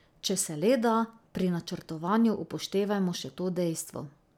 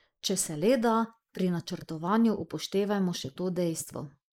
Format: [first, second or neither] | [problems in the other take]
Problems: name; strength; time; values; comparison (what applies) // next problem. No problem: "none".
first | noise reduction (neural mask model Resemble Enhance denoiser)